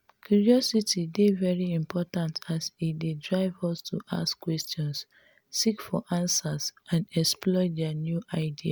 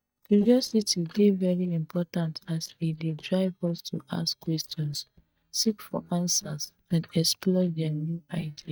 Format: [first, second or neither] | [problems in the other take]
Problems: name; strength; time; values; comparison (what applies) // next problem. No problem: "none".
first | noise reduction (neural mask model DeepFilterNet 3)